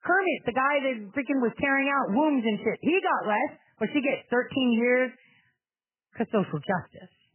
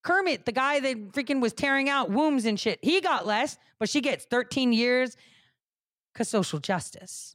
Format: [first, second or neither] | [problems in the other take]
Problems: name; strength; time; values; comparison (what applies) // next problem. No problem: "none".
second | garbled, watery; badly; nothing above 3 kHz